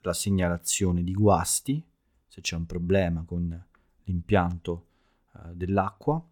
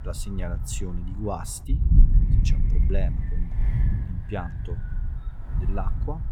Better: first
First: none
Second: wind noise on the microphone; heavy; 6 dB below the speech

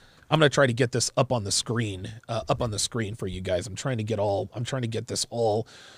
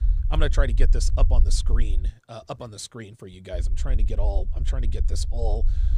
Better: first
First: none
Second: low rumble; noticeable; until 2 s and from 3.5 s on; 15 dB below the speech

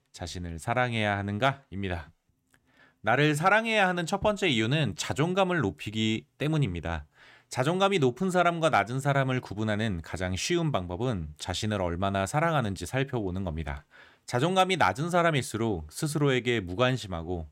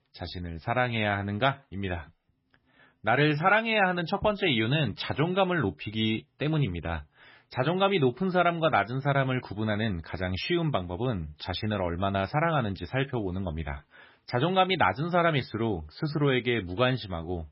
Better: first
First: none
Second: garbled, watery; badly; nothing above 5.5 kHz

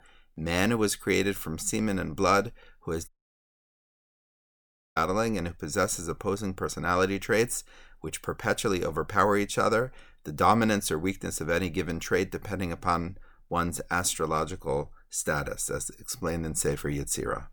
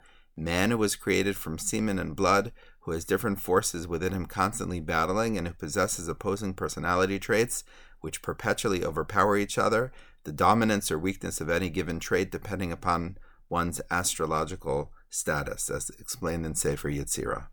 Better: second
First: audio cutting out; at 3 s for 2 s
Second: none

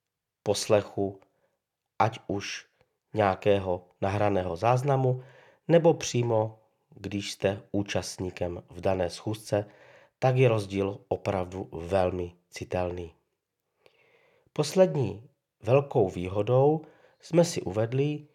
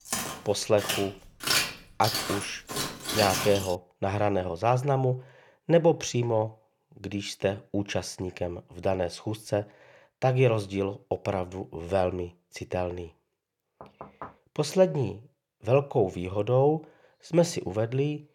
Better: first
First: none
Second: footsteps; loud; until 3.5 s; peak 3 dB above the speech // door banging; faint; at 14 s; peak 15 dB below the speech

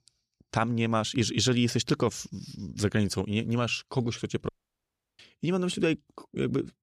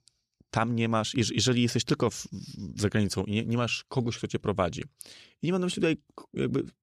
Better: second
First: audio cutting out; at 4.5 s for 0.5 s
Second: none

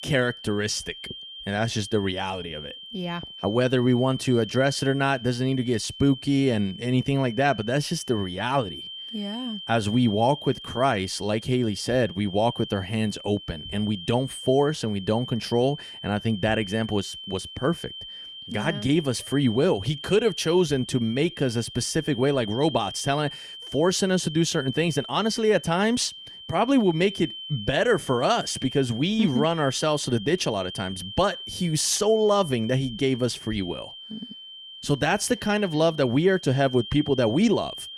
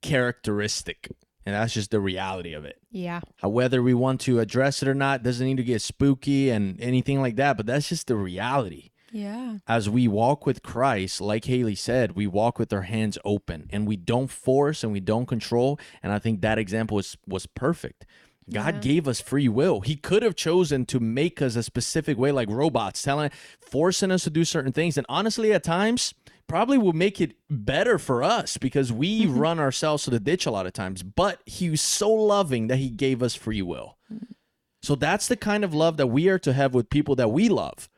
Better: second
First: high-pitched whine; noticeable; throughout; 3 kHz, 15 dB below the speech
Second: none

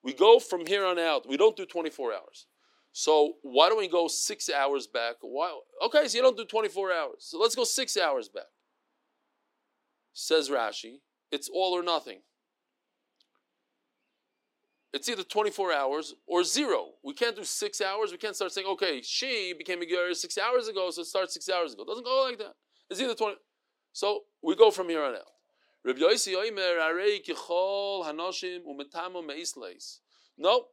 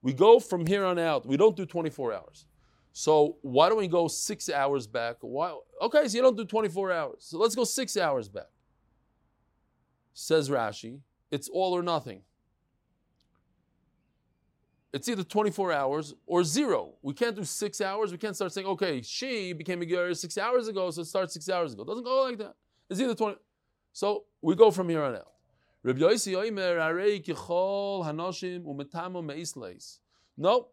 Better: second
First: thin; somewhat; fading below 300 Hz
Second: none

